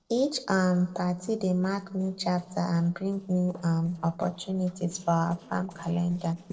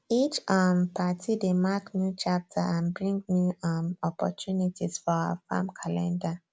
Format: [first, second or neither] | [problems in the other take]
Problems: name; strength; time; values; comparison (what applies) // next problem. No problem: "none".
second | noise reduction (neural separator model SepFormer DNS4)